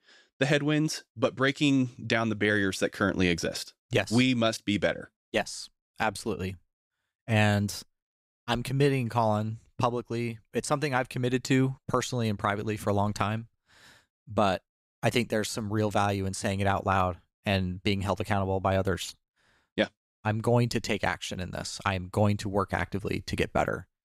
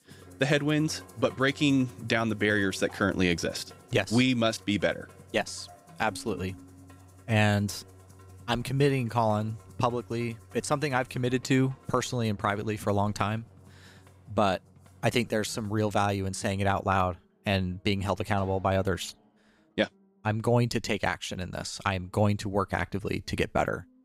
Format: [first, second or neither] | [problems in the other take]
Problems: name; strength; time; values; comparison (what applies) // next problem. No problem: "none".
first | background music; faint; throughout; 25 dB below the speech